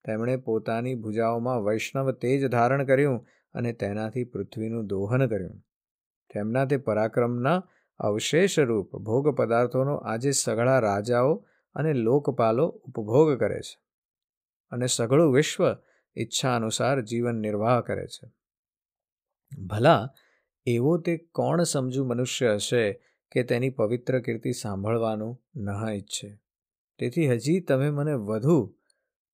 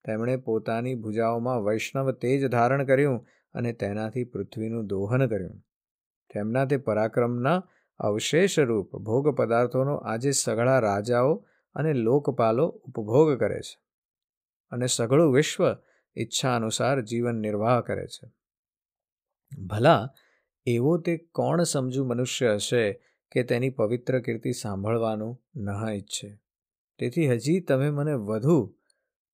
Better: neither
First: none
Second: none

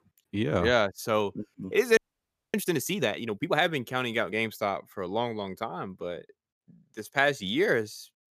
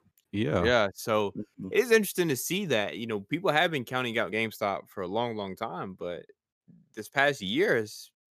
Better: second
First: audio freezing; at 2 s for 0.5 s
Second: none

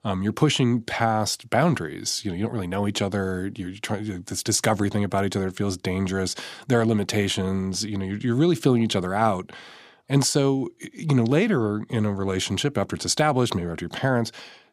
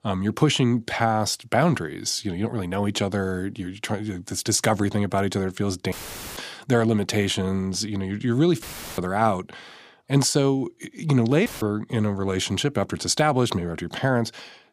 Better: first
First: none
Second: audio cutting out; filled with static; at 6 s, at 8.5 s and at 11 s

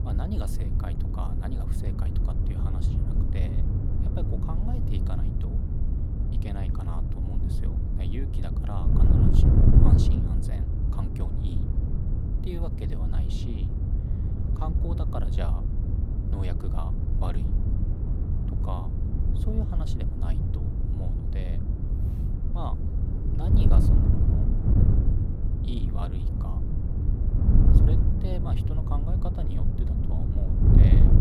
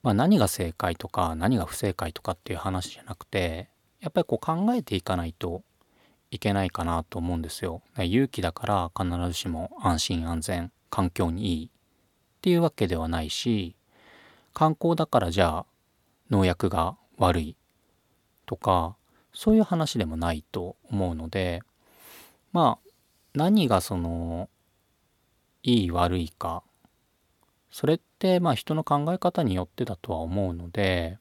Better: second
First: wind noise on the microphone; heavy; 3 dB above the speech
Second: none

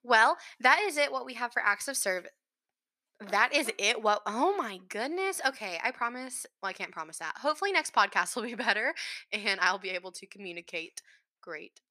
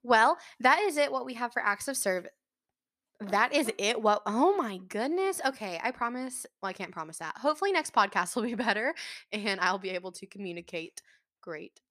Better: second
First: thin; very slightly; fading below 800 Hz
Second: none

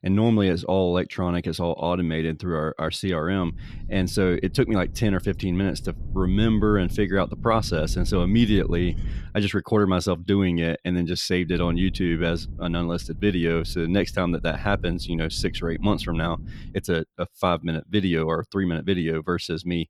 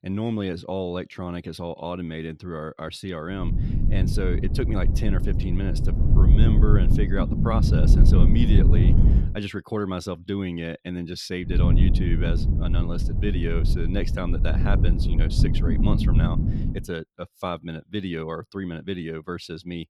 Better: first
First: low rumble; faint; from 3.5 to 9 s and from 12 to 17 s; 20 dB below the speech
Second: low rumble; loud; from 3.5 to 9 s and from 12 to 17 s; 2 dB below the speech

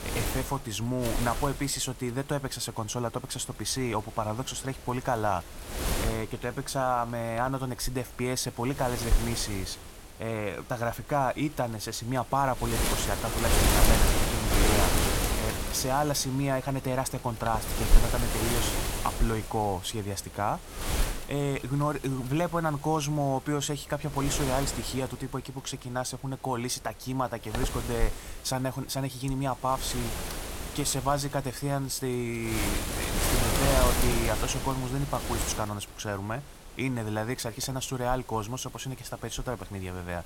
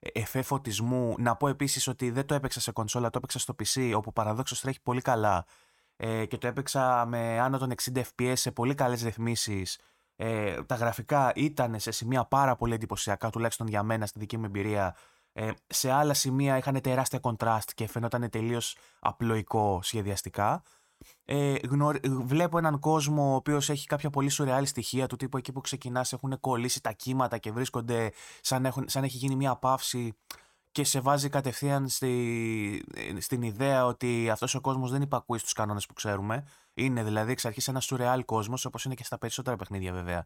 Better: second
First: wind noise on the microphone; heavy; 1 dB below the speech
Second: none

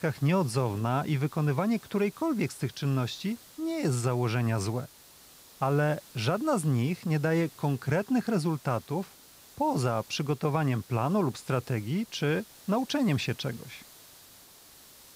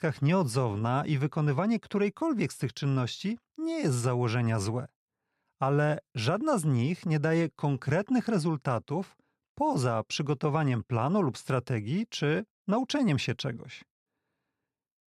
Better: second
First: hiss; faint; throughout; 20 dB below the speech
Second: none

